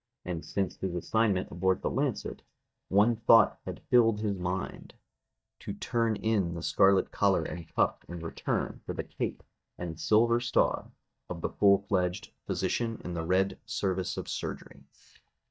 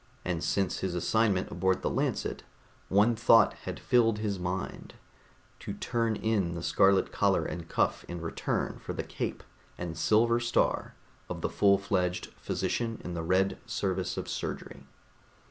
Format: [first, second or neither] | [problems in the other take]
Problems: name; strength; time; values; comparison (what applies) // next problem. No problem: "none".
second | noise reduction (neural mask model DeepFilterNet 3)